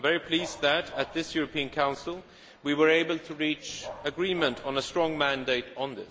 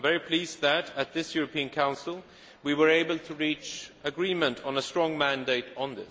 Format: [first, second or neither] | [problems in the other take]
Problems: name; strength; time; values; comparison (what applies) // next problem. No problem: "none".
second | background sound (Dog); 16 dB below the speech